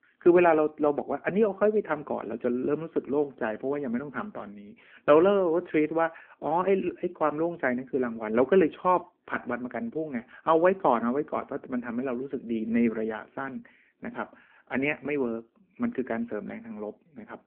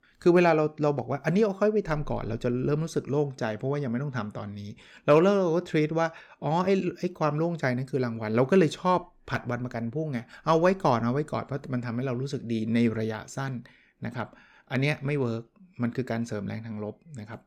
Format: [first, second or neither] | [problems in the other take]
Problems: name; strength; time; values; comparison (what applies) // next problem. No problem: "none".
second | phone-call audio